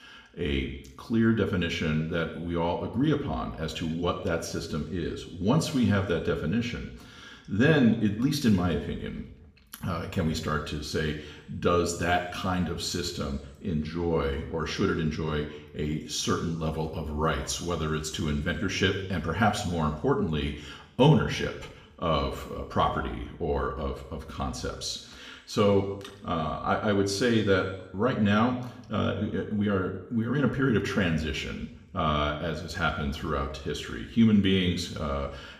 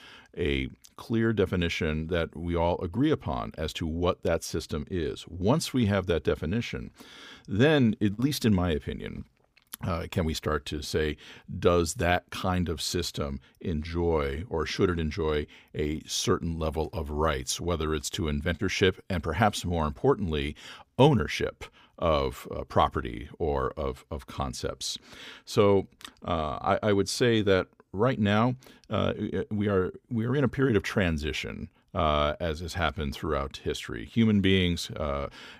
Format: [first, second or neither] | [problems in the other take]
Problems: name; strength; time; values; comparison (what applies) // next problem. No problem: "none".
second | room echo; slight; dies away in 0.8 s // off-mic speech; somewhat distant